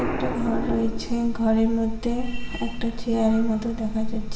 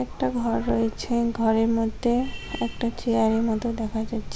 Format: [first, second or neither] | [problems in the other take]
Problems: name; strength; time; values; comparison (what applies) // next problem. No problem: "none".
second | background sound (Explosion); 11 dB below the speech // room echo; dies away in 1.1 s